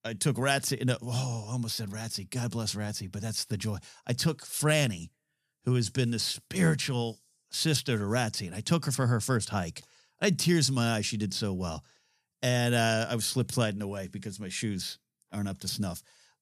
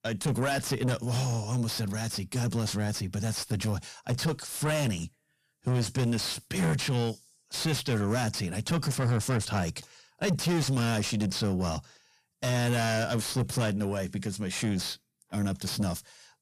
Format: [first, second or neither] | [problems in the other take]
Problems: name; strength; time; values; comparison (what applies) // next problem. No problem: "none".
first | distortion; heavy; 6 dB below the speech